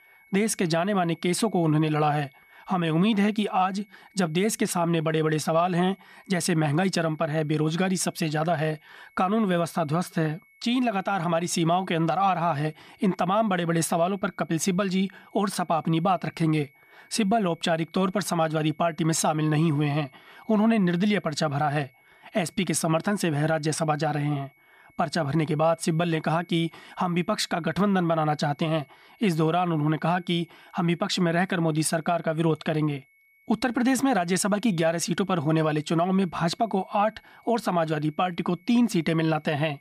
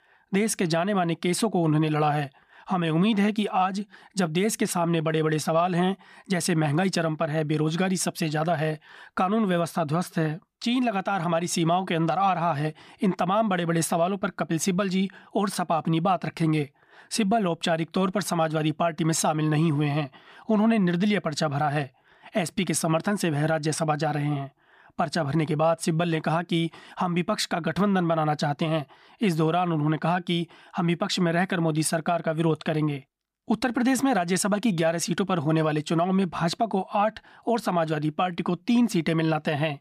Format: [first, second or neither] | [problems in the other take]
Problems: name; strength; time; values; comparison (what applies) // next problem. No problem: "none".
second | high-pitched whine; faint; throughout; 2 kHz, 30 dB below the speech